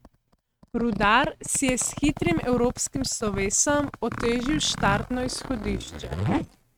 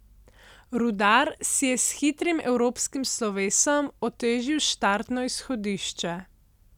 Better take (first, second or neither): second